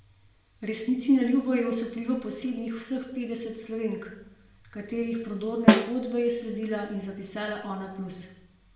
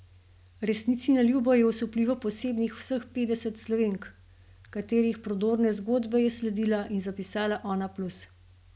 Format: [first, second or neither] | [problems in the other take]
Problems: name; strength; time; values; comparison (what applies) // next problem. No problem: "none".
second | background sound (Snare drum); 4 dB above the speech // room echo; dies away in 0.8 s